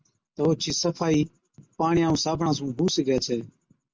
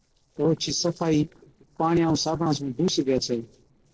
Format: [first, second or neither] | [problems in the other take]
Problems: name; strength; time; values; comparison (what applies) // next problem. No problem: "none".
first | noise reduction (neural separator model SepFormer DNS4)